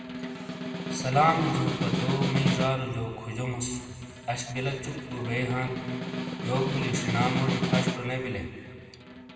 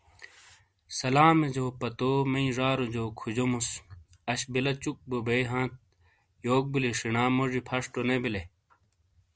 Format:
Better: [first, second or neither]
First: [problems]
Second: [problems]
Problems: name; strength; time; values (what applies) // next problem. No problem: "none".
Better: second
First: background sound (Snare drum); 2 dB below the speech // room echo; dies away in 2.1 s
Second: none